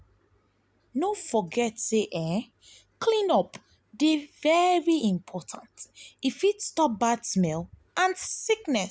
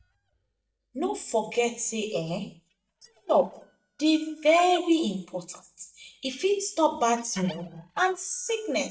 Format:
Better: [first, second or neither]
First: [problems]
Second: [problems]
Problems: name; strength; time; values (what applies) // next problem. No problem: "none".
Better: first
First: none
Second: noise reduction (neural mask model DeepFilterNet 3)